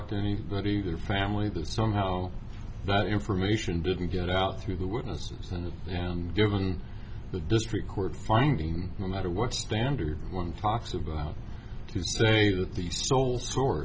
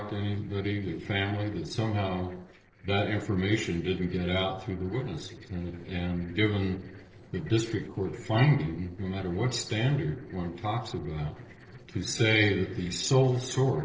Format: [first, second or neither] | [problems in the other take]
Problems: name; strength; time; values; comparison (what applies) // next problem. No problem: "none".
first | noise reduction (neural separator model SepFormer DNS4)